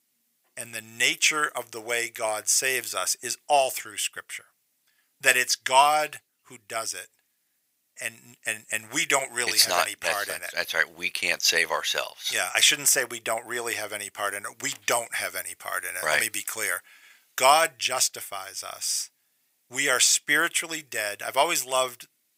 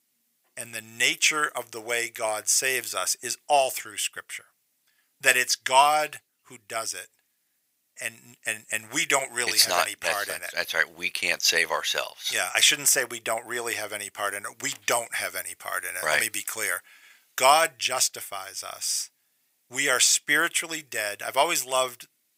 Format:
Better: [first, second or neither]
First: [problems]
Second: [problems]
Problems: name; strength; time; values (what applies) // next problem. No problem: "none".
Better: neither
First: thin; very; fading below 700 Hz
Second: thin; very; fading below 700 Hz